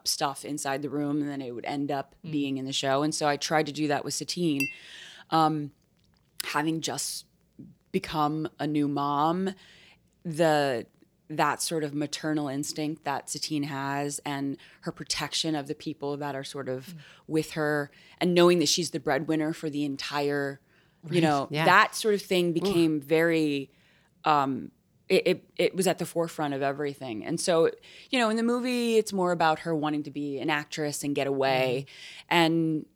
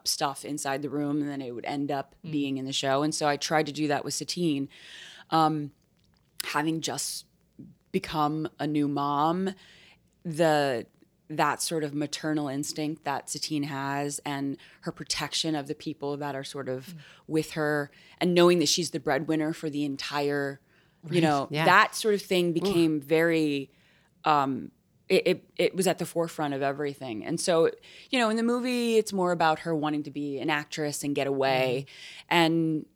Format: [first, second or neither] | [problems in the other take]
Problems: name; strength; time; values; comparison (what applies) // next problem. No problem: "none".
second | clattering dishes; noticeable; at 4.5 s; peak 5 dB below the speech